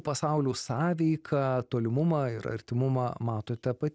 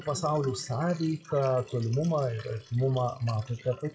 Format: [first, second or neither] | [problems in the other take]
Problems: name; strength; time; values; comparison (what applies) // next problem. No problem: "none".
first | noise reduction (classical method WPE with log-MMSE)